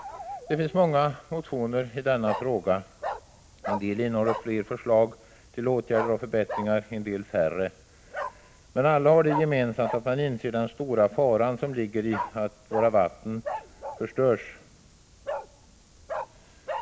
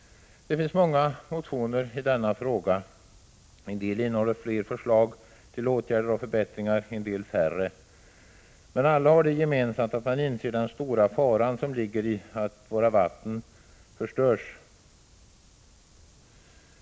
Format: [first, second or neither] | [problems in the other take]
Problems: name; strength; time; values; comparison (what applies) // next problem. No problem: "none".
second | background sound (Bark); 12 dB below the speech